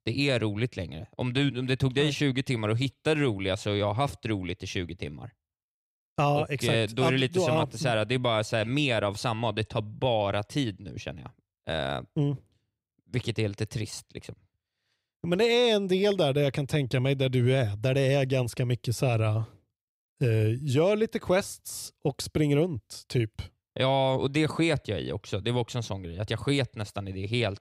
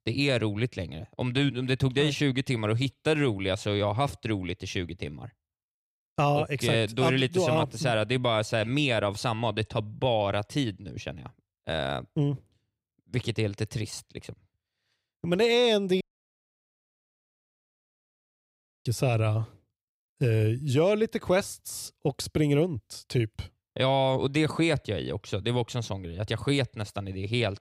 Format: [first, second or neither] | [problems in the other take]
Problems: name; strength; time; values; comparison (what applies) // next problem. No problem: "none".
first | audio cutting out; at 16 s for 3 s